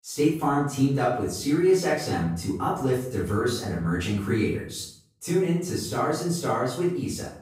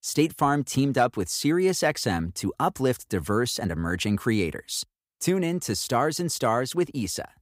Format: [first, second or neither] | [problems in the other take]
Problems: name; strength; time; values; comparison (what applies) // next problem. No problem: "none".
second | off-mic speech; far // room echo; noticeable; dies away in 0.5 s